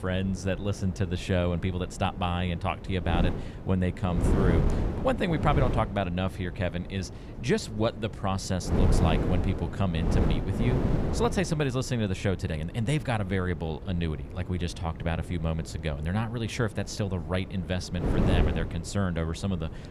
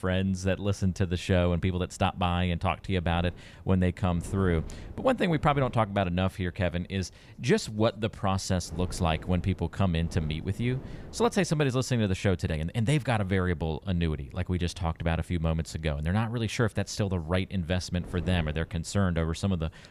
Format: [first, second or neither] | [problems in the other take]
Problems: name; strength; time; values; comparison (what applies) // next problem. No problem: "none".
second | wind noise on the microphone; heavy; 7 dB below the speech; occasional gusts in the second